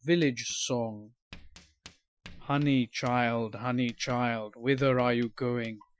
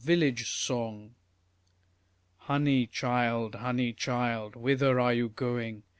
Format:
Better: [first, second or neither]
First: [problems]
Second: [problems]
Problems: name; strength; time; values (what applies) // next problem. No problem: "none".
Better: second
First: noise reduction (classical method Wiener filter)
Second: none